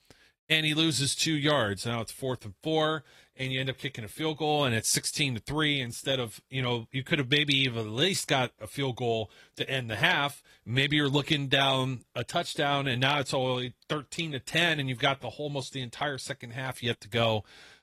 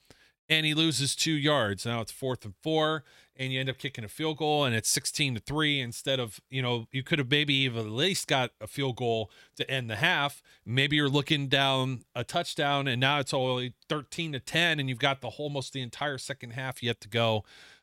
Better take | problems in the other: second | garbled, watery; slightly

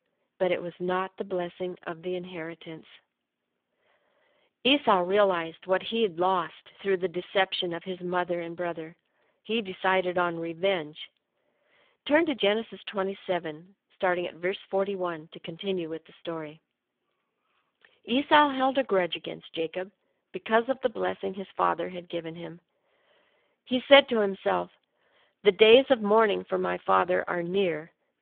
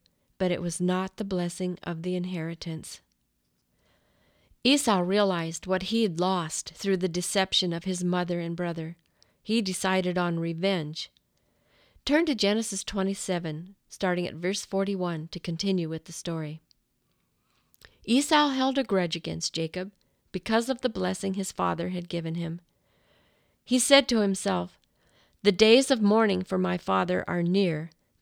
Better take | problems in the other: second | phone-call audio; poor line; nothing above 3.5 kHz

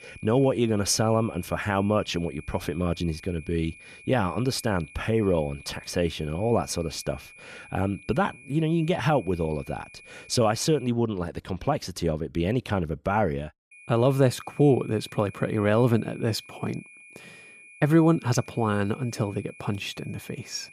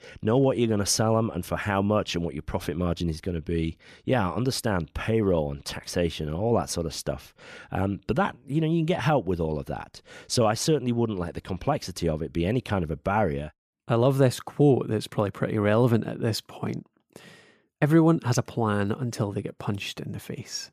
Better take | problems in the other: second | high-pitched whine; faint; until 11 s and from 14 s on; 2.5 kHz, 20 dB below the speech

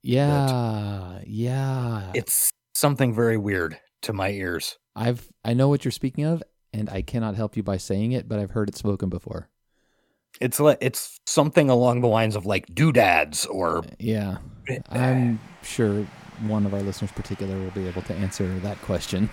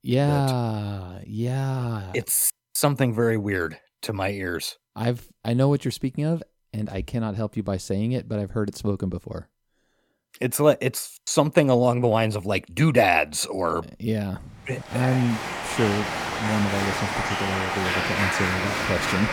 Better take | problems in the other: first | crowd noise; loud; from 15 s on; 1 dB below the speech; faint in the first

